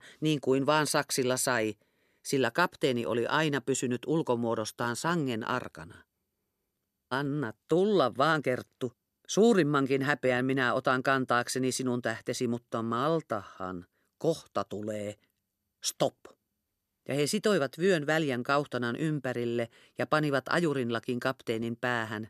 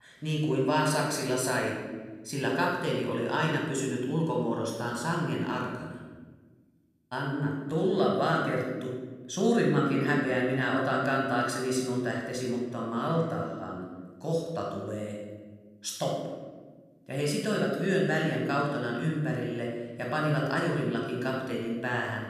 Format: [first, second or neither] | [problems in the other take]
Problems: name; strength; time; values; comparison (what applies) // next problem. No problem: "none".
first | off-mic speech; somewhat distant // room echo; noticeable; dies away in 1.2 s